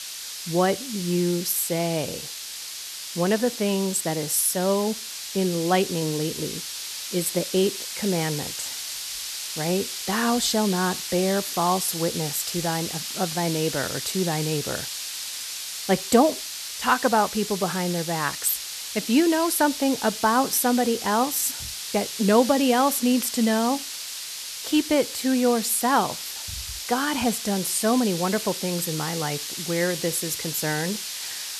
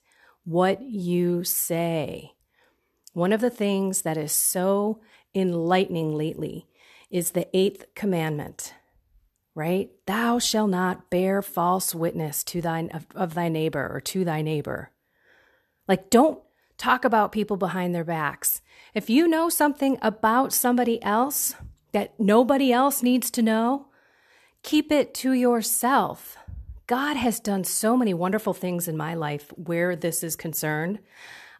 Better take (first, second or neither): second